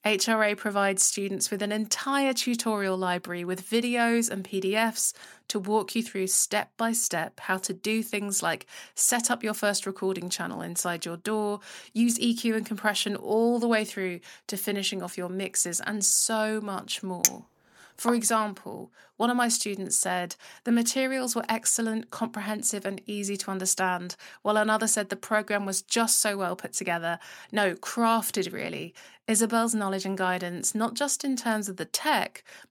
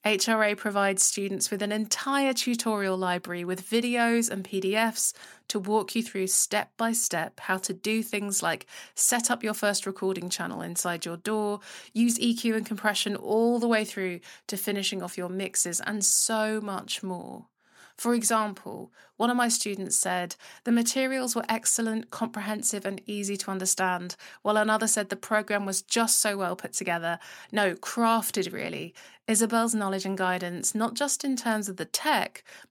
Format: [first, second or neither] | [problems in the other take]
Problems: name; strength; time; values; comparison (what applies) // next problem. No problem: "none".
second | clattering dishes; loud; at 17 s; peak 2 dB above the speech